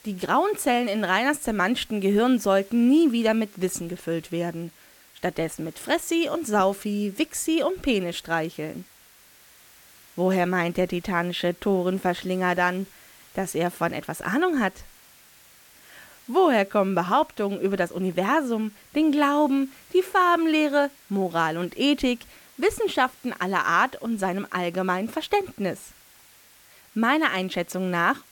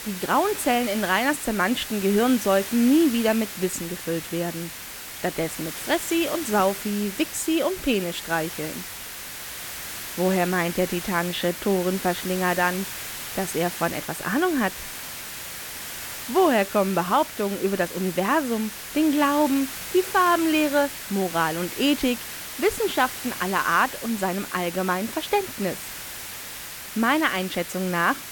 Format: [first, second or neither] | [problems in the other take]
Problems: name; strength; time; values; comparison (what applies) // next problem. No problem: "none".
first | hiss; loud; throughout; 9 dB below the speech; faint in the first